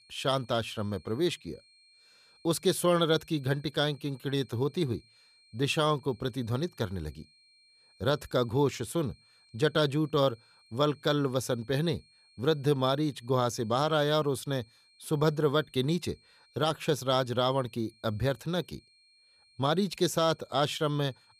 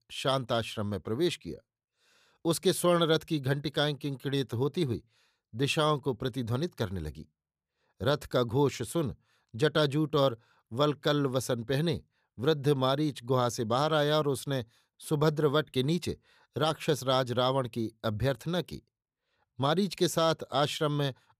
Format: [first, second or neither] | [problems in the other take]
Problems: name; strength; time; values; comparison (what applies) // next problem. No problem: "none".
second | high-pitched whine; faint; throughout; 4 kHz, 30 dB below the speech